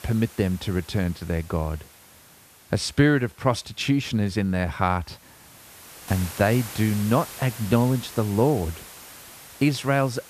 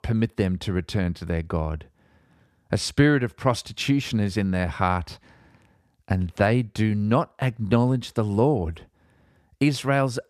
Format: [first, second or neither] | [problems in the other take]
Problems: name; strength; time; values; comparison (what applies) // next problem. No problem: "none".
second | hiss; noticeable; throughout; 15 dB below the speech